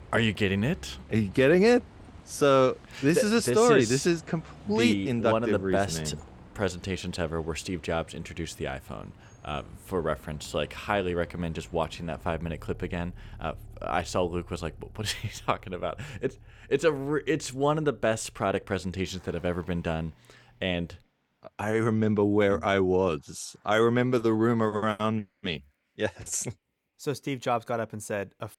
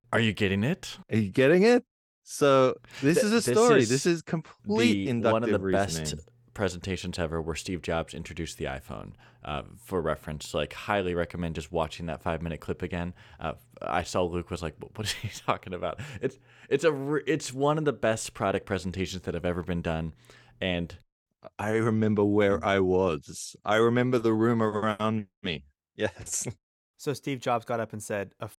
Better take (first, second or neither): second